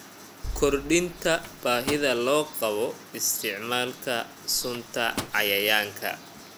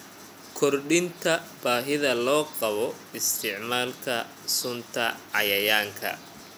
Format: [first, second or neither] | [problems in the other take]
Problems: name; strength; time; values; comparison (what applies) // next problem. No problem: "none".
second | background sound (Boom + Microwave oven); 13 dB below the speech